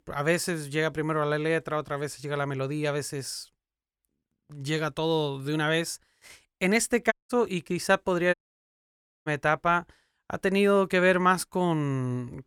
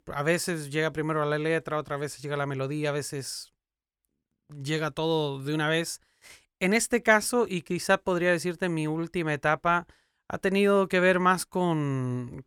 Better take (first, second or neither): second